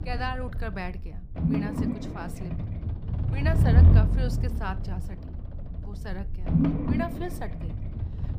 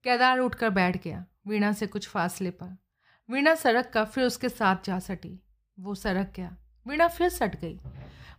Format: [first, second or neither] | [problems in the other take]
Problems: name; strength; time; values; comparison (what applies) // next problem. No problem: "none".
second | low rumble; loud; throughout; as loud as the speech